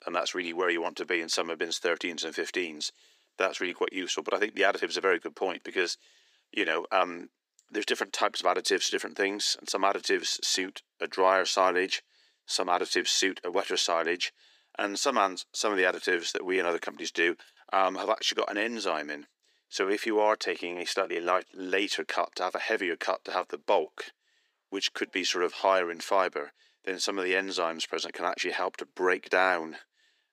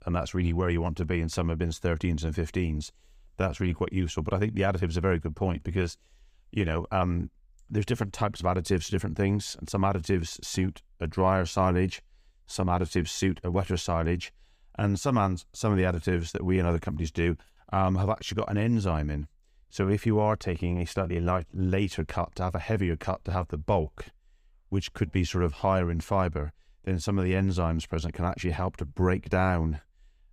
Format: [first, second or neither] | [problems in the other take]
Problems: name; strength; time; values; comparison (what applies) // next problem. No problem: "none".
second | thin; very; fading below 300 Hz